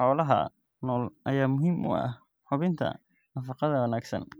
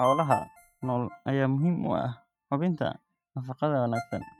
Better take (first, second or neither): first